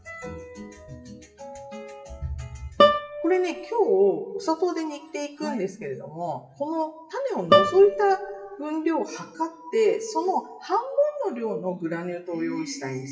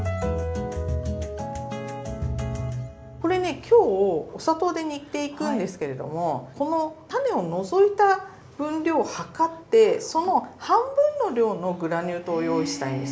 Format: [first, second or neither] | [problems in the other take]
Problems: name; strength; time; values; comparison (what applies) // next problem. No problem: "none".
second | noise reduction (classical method WPE with log-MMSE)